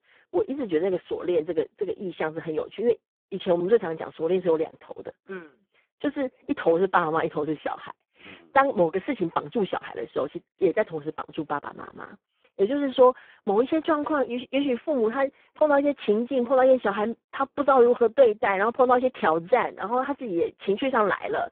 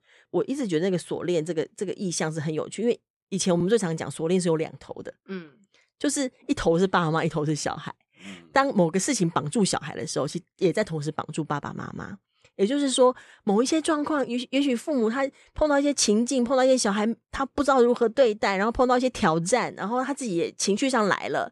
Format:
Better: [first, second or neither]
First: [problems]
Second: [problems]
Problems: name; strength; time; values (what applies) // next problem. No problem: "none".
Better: second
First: phone-call audio; poor line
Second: none